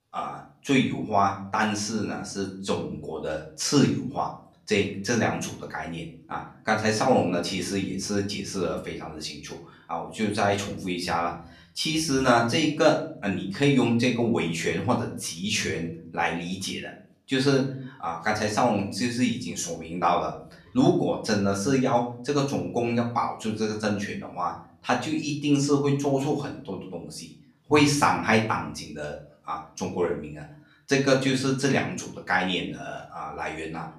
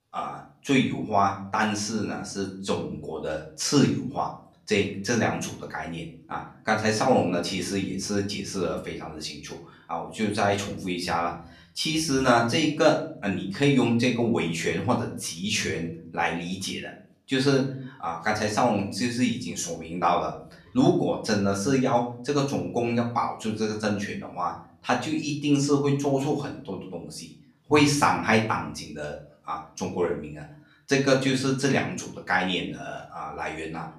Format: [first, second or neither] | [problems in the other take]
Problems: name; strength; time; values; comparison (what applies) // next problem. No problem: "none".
neither | room echo; slight; dies away in 0.4 s; the same in both // off-mic speech; far; the same in both